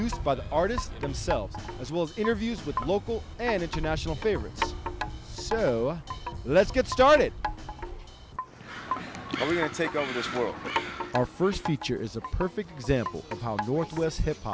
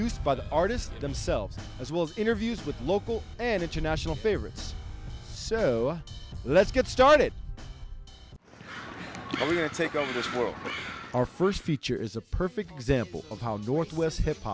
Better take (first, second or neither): second